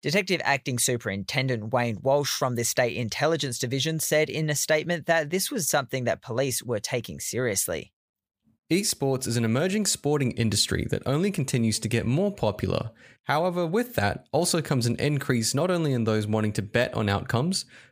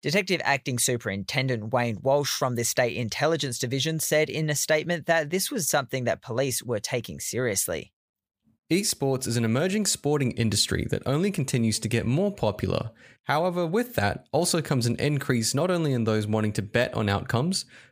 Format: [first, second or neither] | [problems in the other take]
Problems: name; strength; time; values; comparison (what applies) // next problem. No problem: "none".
neither | none